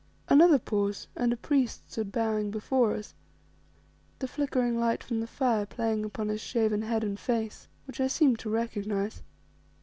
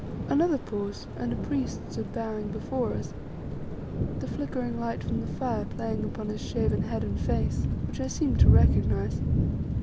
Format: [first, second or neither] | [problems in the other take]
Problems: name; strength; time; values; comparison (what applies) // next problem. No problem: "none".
first | background sound (Thunder / Rain); 4 dB above the speech